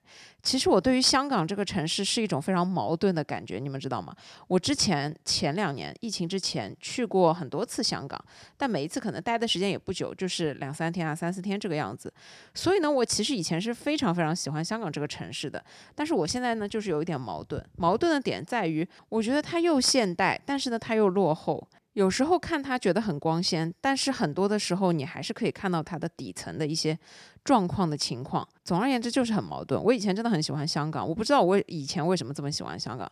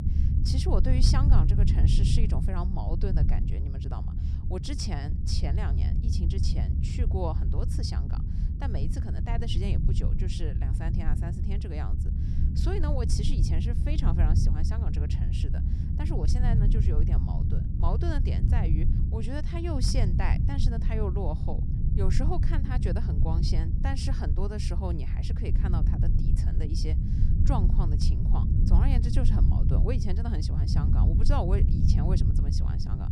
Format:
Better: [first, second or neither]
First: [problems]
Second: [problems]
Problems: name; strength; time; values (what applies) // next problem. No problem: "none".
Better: first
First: none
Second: low rumble; loud; throughout; 3 dB below the speech